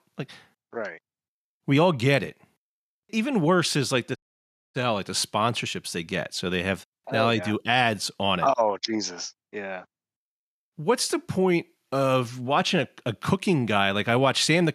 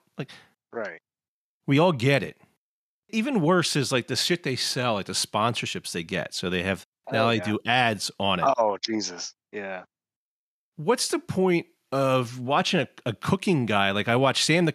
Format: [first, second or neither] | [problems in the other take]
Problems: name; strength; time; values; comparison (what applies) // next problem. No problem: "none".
second | audio cutting out; at 4 s for 0.5 s